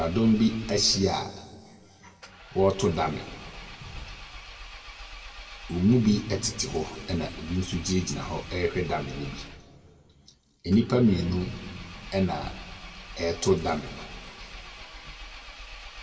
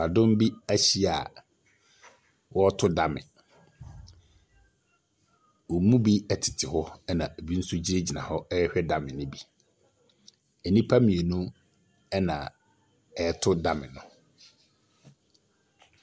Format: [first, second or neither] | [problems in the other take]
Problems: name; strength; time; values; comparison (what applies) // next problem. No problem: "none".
second | background sound (Engine); 15 dB below the speech // room echo; dies away in 1.6 s